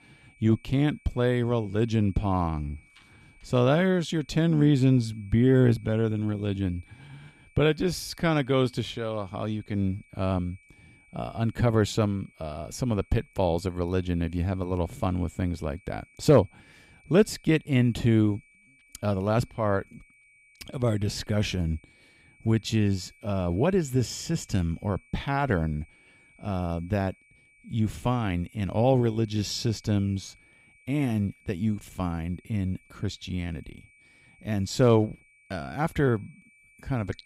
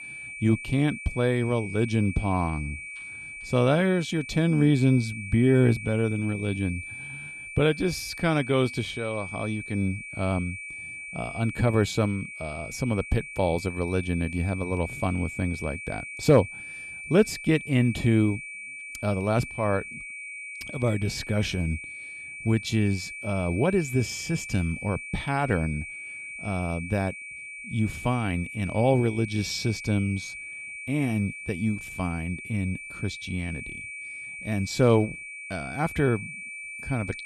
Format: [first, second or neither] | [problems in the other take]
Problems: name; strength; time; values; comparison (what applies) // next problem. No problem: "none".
first | high-pitched whine; loud; throughout; 2.5 kHz, 10 dB below the speech; faint in the first